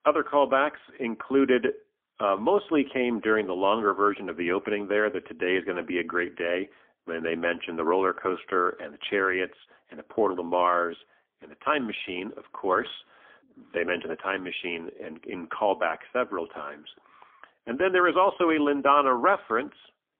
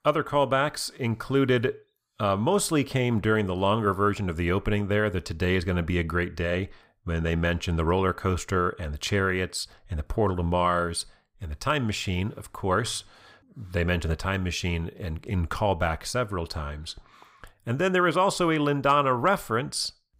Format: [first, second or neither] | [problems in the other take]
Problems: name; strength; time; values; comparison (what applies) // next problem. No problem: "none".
second | phone-call audio; poor line; nothing above 3.5 kHz